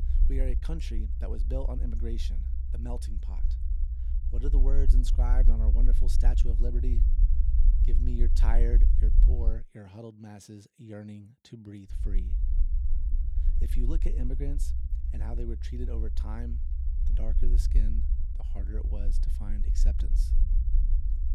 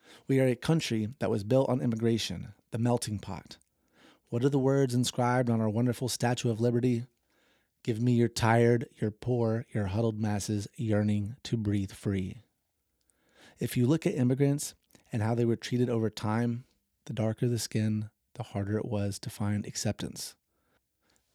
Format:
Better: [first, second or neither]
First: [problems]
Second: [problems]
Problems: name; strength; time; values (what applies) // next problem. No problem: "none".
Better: second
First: low rumble; loud; until 9.5 s and from 12 s on; 7 dB below the speech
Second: none